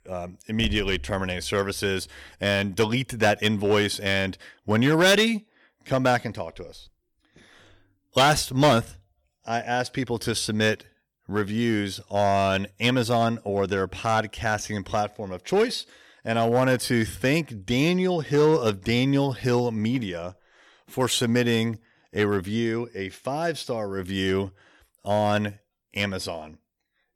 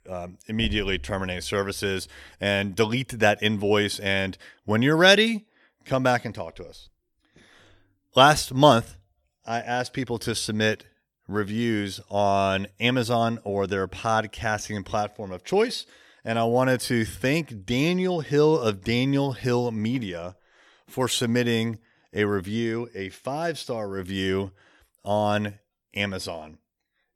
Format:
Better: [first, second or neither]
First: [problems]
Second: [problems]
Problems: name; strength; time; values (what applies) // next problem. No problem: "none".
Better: second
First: distortion; slight; 2% of the sound clipped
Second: none